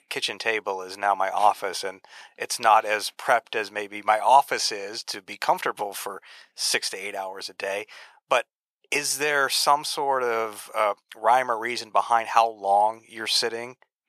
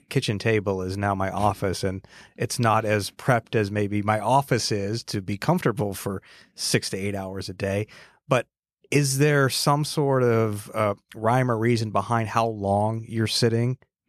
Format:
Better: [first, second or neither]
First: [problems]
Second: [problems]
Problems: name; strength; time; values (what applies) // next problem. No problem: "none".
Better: second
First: thin; very; fading below 750 Hz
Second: none